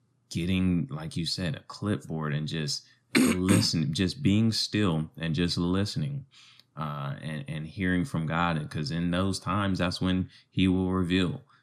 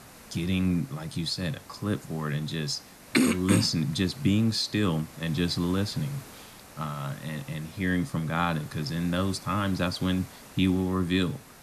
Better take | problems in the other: first | hiss; noticeable; throughout; 20 dB below the speech

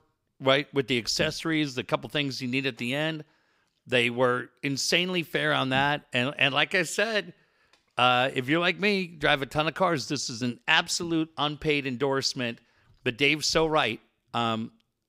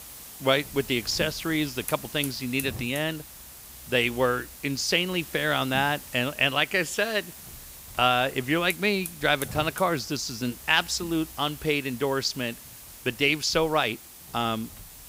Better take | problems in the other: first | hiss; noticeable; throughout; 15 dB below the speech

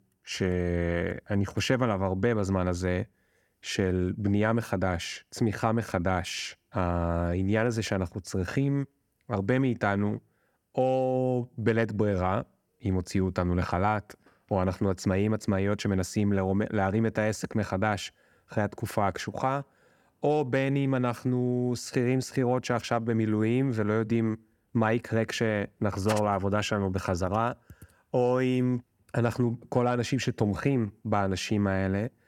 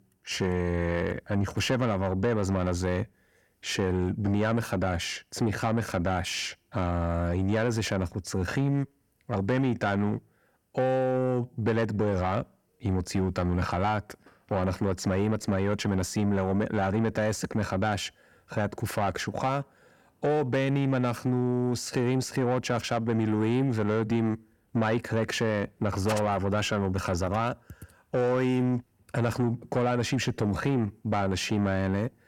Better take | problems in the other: first | distortion; slight; 10 dB below the speech

